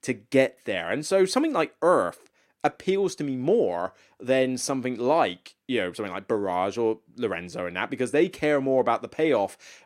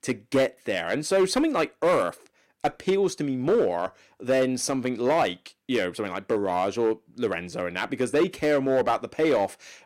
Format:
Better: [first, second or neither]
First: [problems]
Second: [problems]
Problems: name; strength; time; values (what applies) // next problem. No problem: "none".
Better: first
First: none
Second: distortion; slight; 5% of the sound clipped